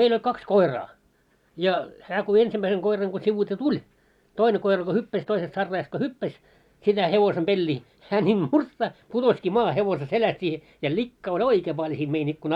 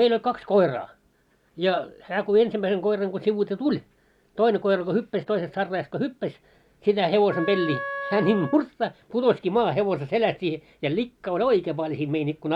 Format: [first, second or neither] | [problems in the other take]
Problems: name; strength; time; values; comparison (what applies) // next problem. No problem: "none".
first | background sound (Wind instrument, woodwind instrument); 10 dB below the speech